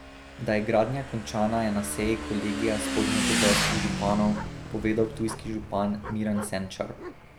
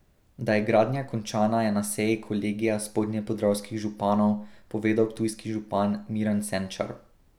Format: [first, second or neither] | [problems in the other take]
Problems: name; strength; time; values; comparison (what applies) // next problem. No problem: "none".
second | background sound (Motorcycle / Engine); 3 dB below the speech